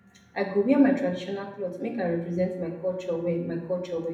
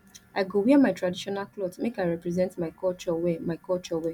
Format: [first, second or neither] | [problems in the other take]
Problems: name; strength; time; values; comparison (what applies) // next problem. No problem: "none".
second | room echo; dies away in 0.7 s